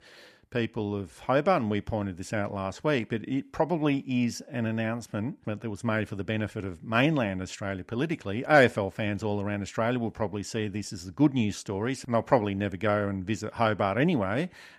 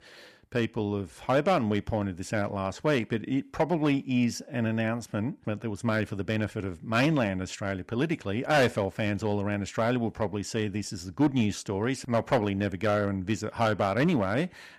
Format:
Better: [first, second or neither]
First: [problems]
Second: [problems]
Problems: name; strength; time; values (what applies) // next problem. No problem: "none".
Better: first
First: none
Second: distortion; slight; 3% of the sound clipped